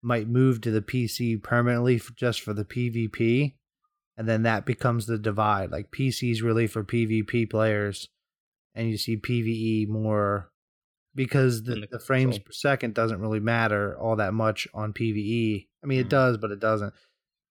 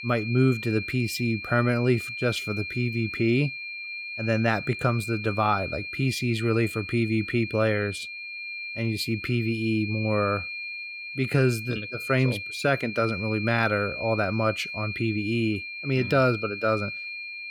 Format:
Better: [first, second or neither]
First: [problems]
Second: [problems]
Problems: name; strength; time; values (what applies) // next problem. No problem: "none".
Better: first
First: none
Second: high-pitched whine; loud; throughout; 2.5 kHz, 7 dB below the speech